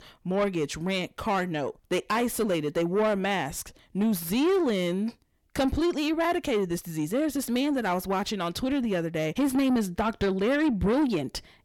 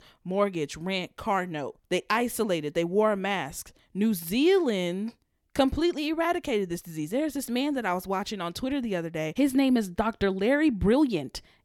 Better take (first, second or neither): second